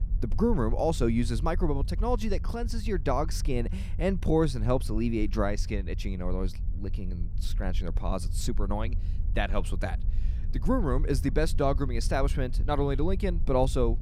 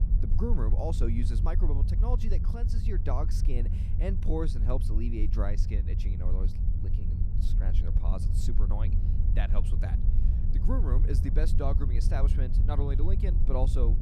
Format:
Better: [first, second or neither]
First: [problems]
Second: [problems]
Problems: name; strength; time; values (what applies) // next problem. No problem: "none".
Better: first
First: low rumble; faint; throughout; 20 dB below the speech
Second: low rumble; loud; throughout; 6 dB below the speech